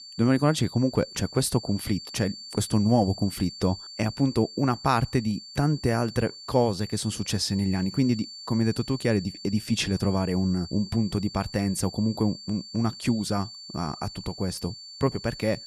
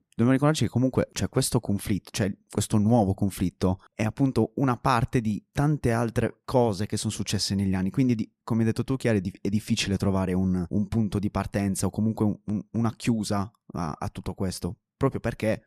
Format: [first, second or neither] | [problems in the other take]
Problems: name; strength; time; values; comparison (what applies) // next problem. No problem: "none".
second | high-pitched whine; noticeable; throughout; 4.5 kHz, 15 dB below the speech